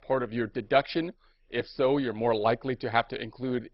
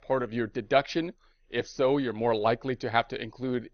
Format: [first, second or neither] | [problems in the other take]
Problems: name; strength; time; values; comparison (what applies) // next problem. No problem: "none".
second | garbled, watery; badly; nothing above 5 kHz; slightly in the second